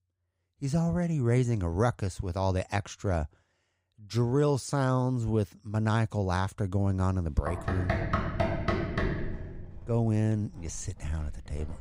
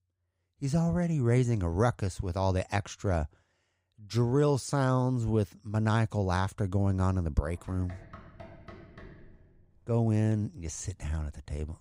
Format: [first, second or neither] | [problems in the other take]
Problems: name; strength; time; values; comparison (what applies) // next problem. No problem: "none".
second | household noises; loud; from 7 s on; 3 dB below the speech; faint in the second